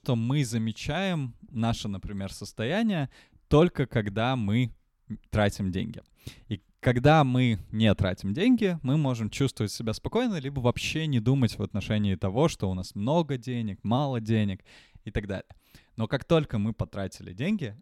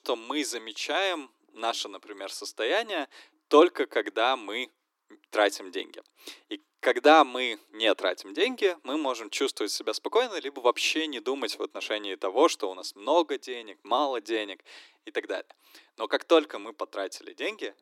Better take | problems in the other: first | thin; very; fading below 300 Hz

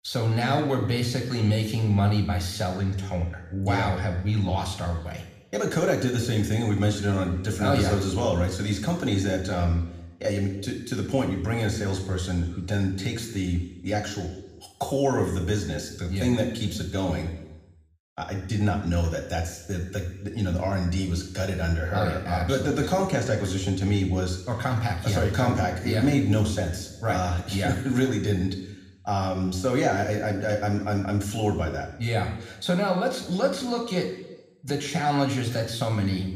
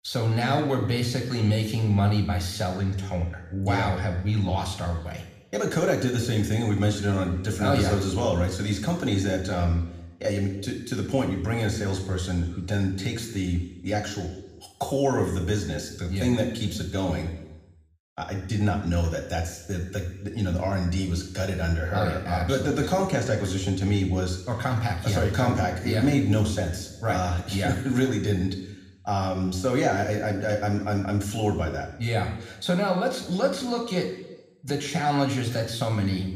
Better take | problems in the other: neither | room echo; slight; dies away in 0.9 s; the same in both // off-mic speech; somewhat distant; the same in both

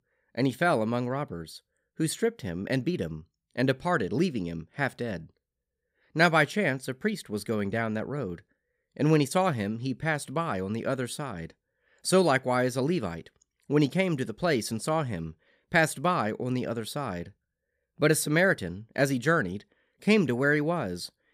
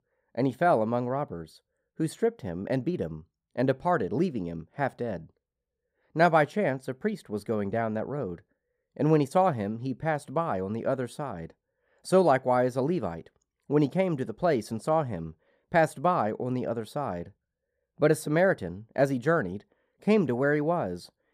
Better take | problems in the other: first | muffled; slightly; fading above 1.5 kHz

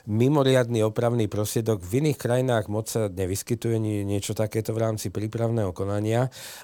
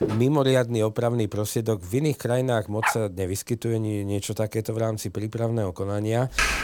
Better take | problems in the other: first | footsteps; noticeable; at the start; peak 4 dB below the speech // dog barking; noticeable; at 3 s; peak 1 dB below the speech // keyboard typing; very faint; at 6.5 s; peak 2 dB above the speech

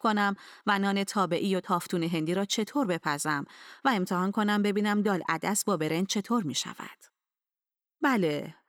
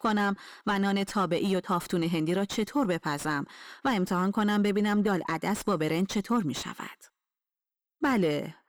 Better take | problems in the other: first | distortion; slight; 10 dB below the speech

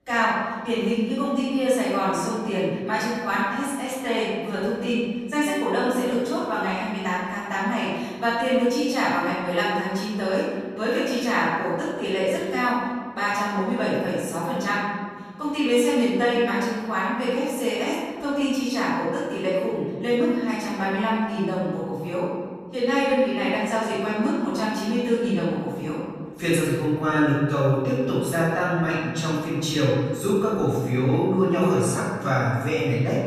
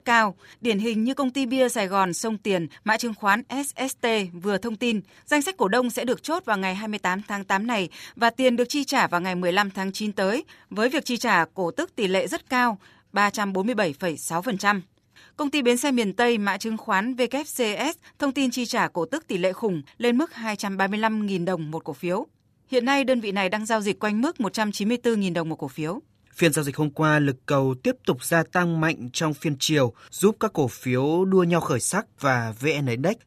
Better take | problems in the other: second | off-mic speech; far // room echo; strong; dies away in 1.5 s

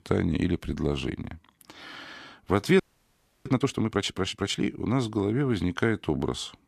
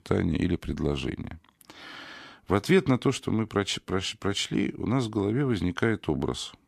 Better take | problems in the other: second | audio freezing; at 3 s for 0.5 s

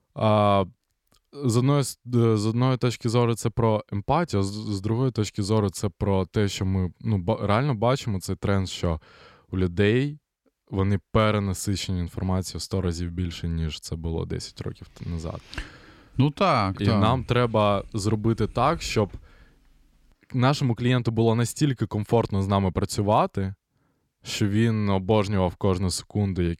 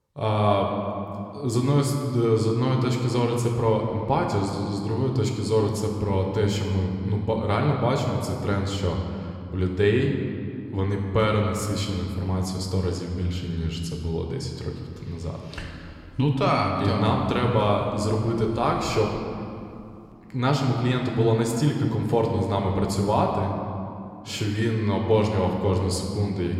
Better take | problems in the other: first | room echo; noticeable; dies away in 2.1 s

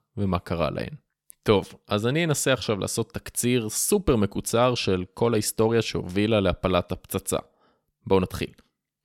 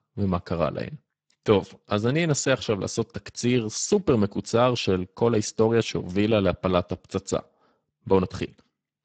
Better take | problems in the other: first | garbled, watery; badly; nothing above 7.5 kHz

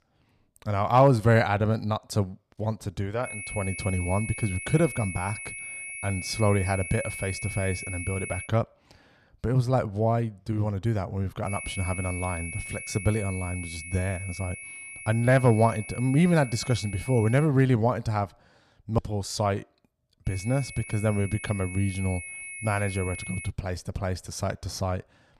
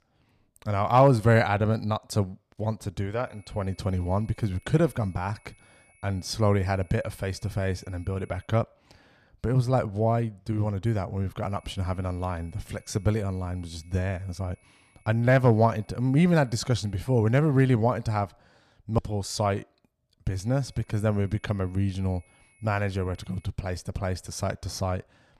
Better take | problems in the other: second | high-pitched whine; loud; from 3.5 to 8.5 s, from 11 to 17 s and from 20 to 23 s; 2 kHz, 9 dB below the speech; faint in the second

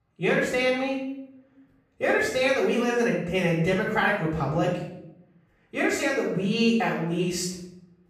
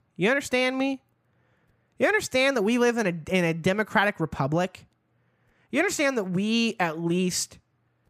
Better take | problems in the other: second | room echo; noticeable; dies away in 0.7 s // off-mic speech; far

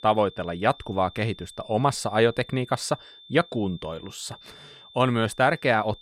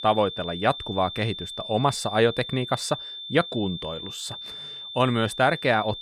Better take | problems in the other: first | high-pitched whine; loud; throughout; 3.5 kHz, 9 dB below the speech; faint in the first

